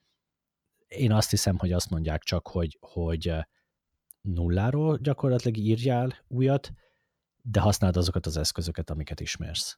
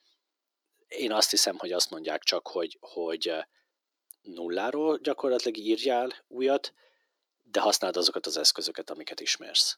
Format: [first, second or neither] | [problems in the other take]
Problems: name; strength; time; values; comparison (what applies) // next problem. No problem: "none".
first | thin; very; fading below 300 Hz